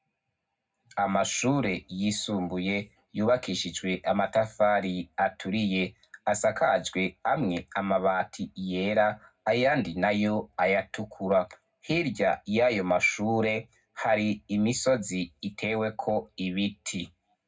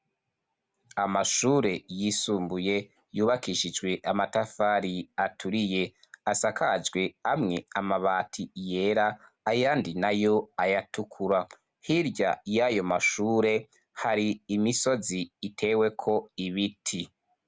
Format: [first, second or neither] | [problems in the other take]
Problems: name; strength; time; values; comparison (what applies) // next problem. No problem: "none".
second | room echo; dies away in 0.3 s